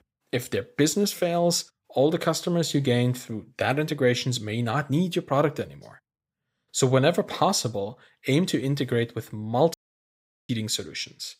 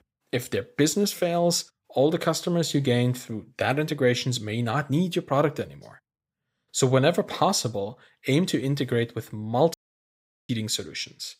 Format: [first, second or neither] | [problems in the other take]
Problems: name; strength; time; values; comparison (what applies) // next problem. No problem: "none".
neither | audio cutting out; at 9.5 s for 1 s; the same in both